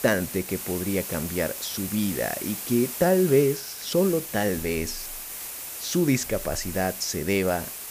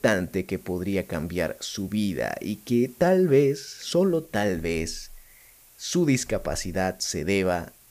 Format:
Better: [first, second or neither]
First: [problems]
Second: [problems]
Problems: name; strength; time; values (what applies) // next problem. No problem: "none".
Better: second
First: hiss; loud; throughout; 7 dB below the speech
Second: hiss; faint; throughout; 25 dB below the speech